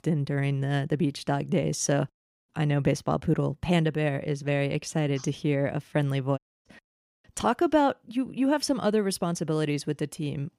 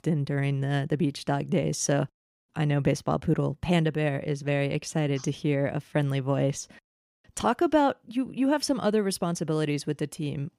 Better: second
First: audio cutting out; at 6.5 s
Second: none

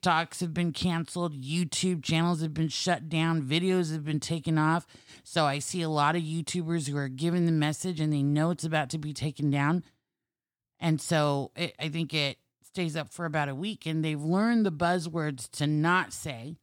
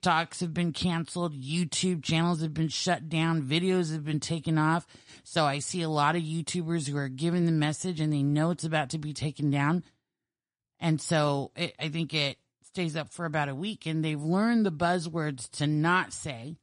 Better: first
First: none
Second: garbled, watery; slightly; nothing above 10.5 kHz

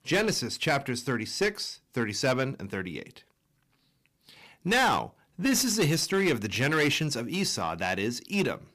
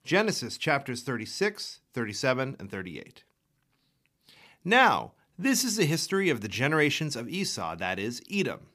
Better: second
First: distortion; heavy; 7% of the sound clipped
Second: none

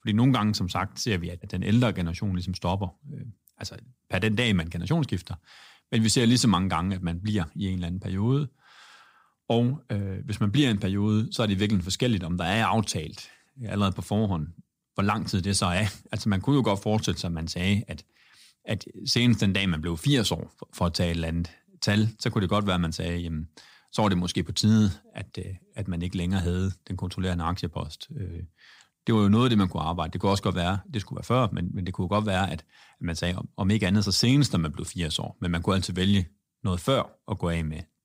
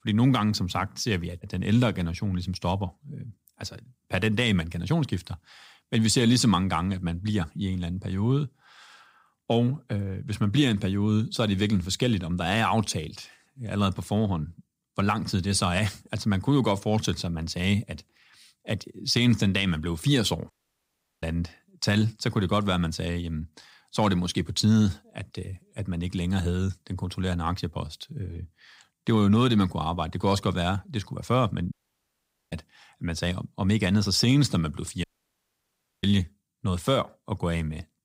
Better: first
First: none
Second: audio cutting out; at 21 s for 0.5 s, at 32 s for 1 s and at 35 s for 1 s

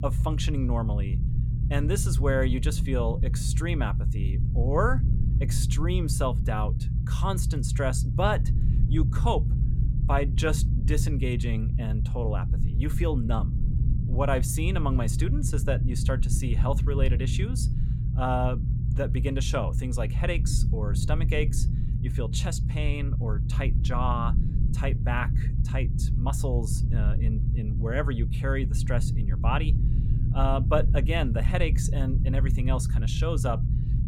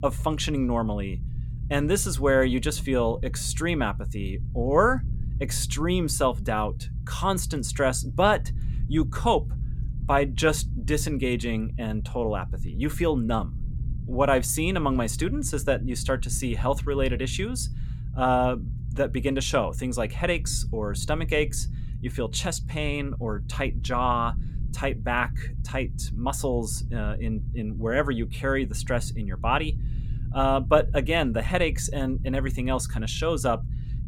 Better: second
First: low rumble; loud; throughout; 9 dB below the speech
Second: low rumble; faint; throughout; 20 dB below the speech

